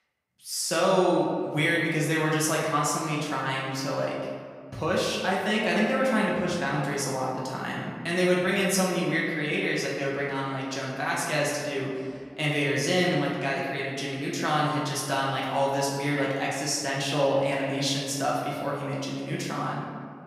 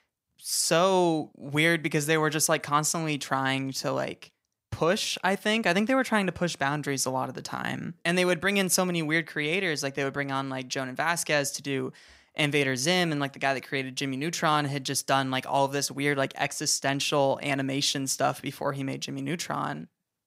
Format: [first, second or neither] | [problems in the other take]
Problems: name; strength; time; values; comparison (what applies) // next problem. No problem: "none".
second | off-mic speech; far // room echo; noticeable; dies away in 1.7 s